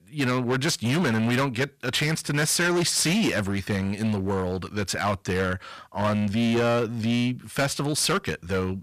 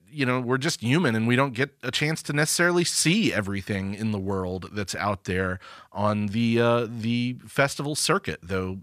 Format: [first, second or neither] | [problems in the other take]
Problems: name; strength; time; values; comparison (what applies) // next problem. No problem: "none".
second | distortion; heavy; 17% of the sound clipped